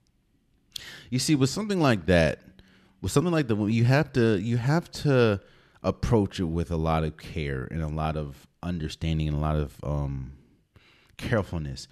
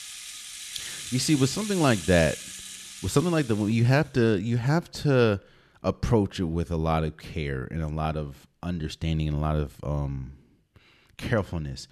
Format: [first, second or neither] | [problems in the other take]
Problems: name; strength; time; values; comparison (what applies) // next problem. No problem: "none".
first | background music; noticeable; until 3.5 s; 10 dB below the speech